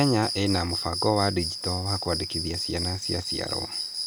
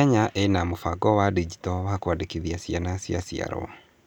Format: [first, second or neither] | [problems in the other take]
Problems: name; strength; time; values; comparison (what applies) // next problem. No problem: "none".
second | background sound (Cricket); 5 dB below the speech